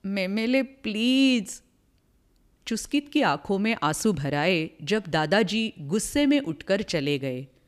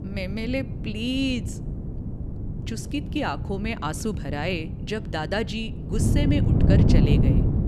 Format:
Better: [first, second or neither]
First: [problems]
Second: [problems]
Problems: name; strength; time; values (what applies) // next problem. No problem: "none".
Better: first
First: none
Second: wind noise on the microphone; heavy; 5 dB below the speech